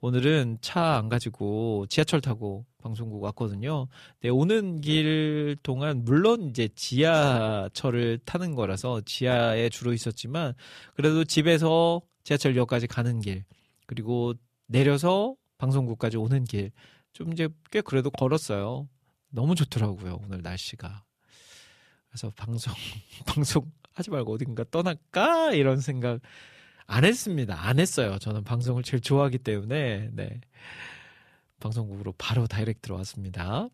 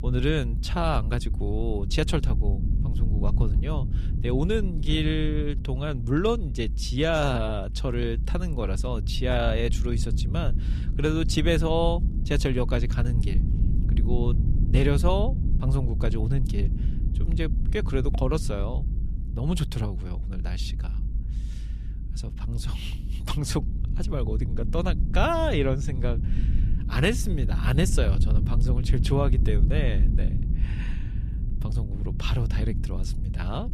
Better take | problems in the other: first | low rumble; noticeable; throughout; 15 dB below the speech

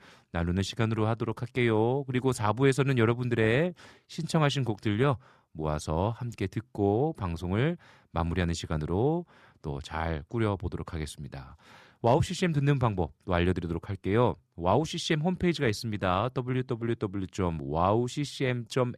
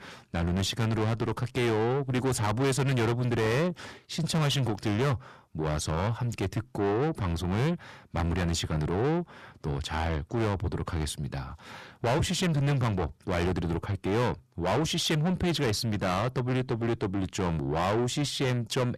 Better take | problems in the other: first | distortion; heavy; 5 dB below the speech

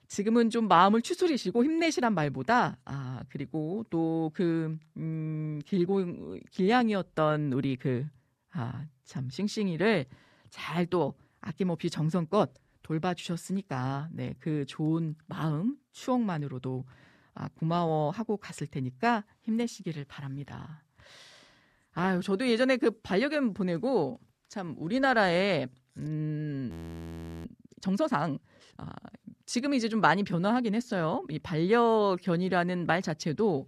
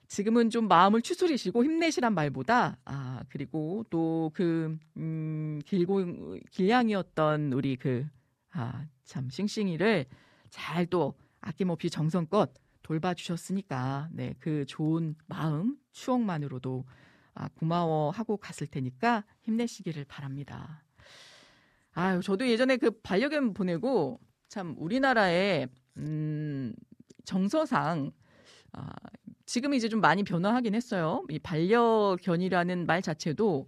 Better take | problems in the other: second | audio freezing; at 27 s for 1 s

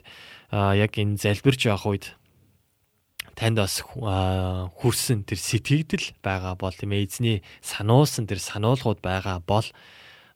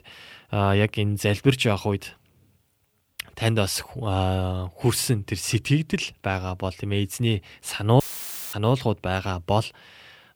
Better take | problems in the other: first | audio cutting out; filled with static; at 8 s for 0.5 s

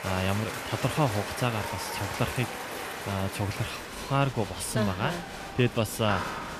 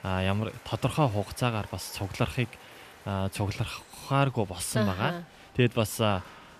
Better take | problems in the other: second | crowd noise; loud; throughout; 6 dB below the speech; faint in the second

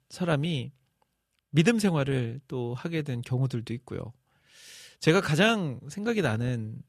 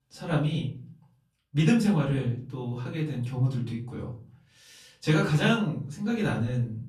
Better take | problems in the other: first | off-mic speech; far // room echo; slight; dies away in 0.4 s

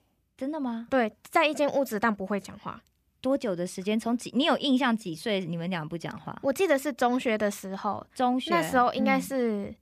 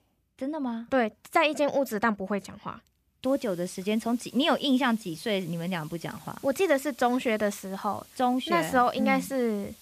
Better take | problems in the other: first | hiss; faint; from 3.5 s on; 25 dB below the speech

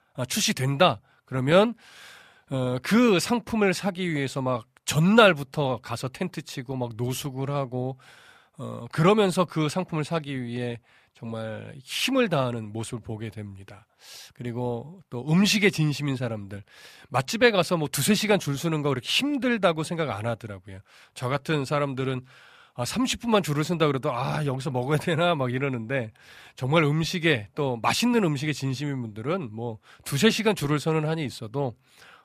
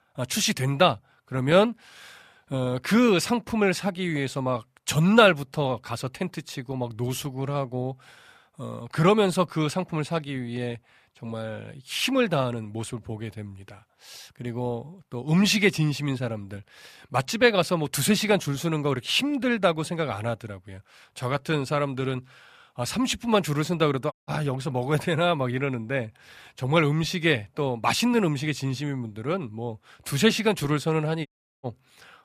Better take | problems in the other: first | audio cutting out; at 24 s and at 31 s

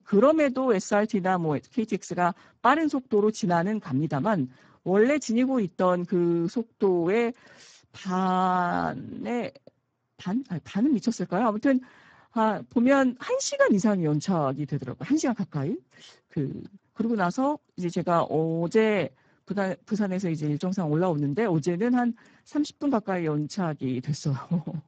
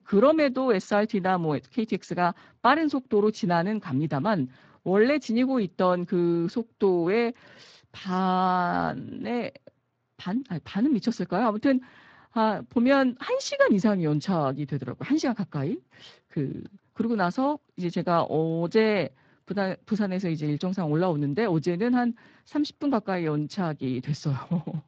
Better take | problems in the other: second | garbled, watery; badly; nothing above 7.5 kHz; slightly in the second

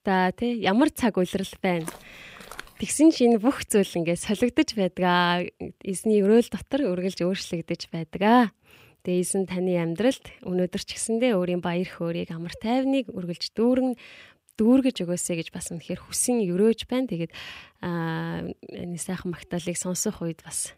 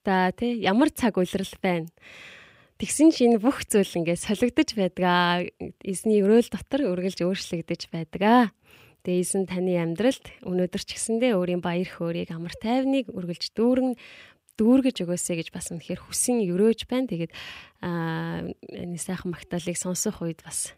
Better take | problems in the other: second | footsteps; faint; at 2 s; peak 15 dB below the speech

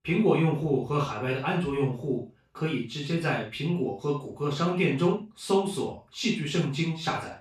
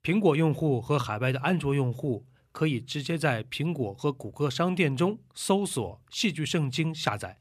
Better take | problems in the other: second | room echo; noticeable; dies away in 0.3 s // off-mic speech; far

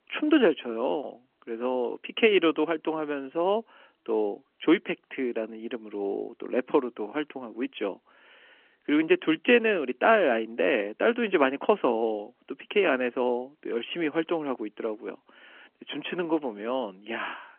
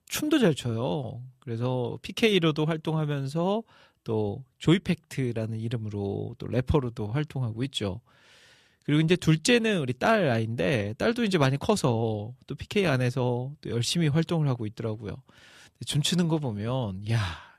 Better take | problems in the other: second | phone-call audio; nothing above 3 kHz

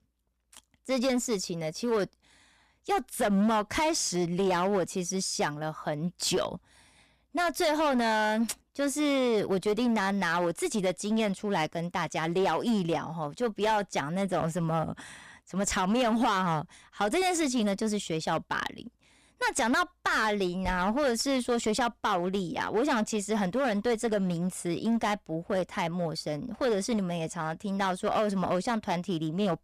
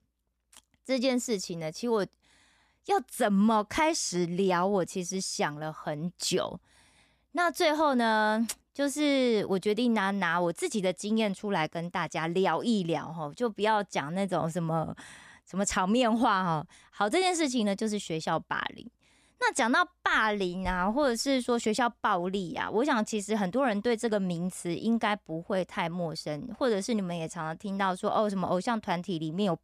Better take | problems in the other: second | distortion; slight; 9% of the sound clipped

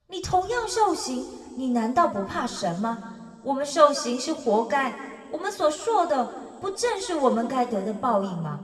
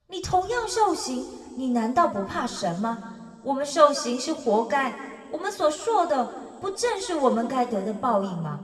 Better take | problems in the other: neither | room echo; slight; dies away in 2.1 s; the same in both // off-mic speech; somewhat distant; the same in both

